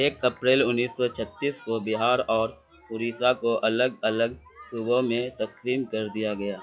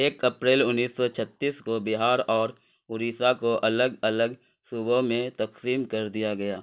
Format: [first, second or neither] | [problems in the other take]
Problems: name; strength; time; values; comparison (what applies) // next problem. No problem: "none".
second | noise reduction (classical method log-MMSE)